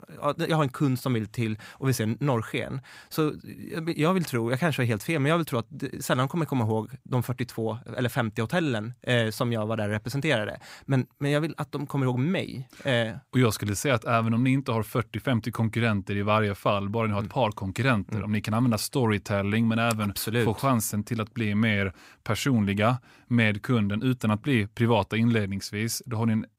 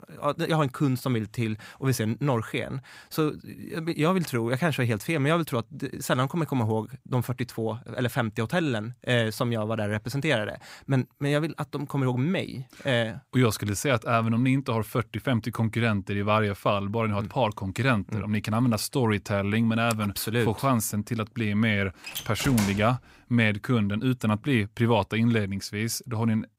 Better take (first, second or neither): first